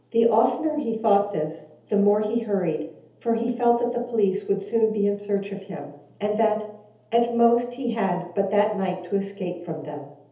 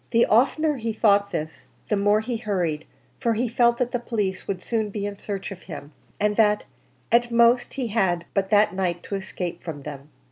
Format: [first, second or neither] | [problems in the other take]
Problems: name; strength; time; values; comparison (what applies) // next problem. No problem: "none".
second | room echo; dies away in 0.8 s